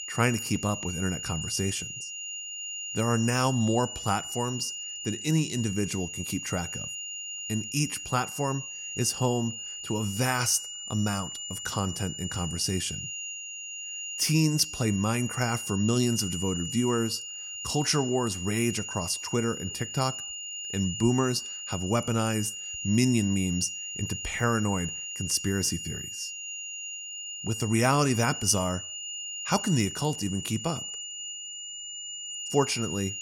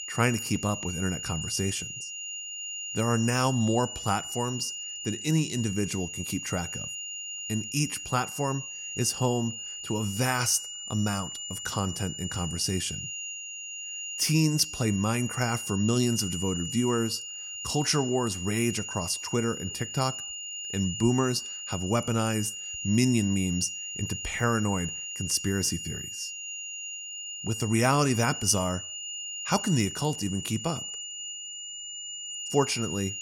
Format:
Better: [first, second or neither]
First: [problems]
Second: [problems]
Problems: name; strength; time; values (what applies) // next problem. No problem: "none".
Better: neither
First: high-pitched whine; loud; throughout; 3 kHz, 6 dB below the speech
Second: high-pitched whine; loud; throughout; 3 kHz, 6 dB below the speech